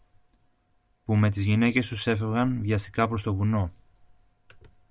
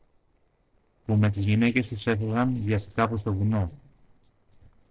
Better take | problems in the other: first | noise reduction (neural separator model SepFormer DNS4)

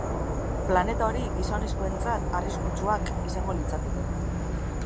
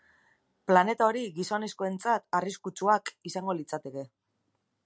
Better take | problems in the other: second | background sound (Insect / Frog); 4 dB above the speech

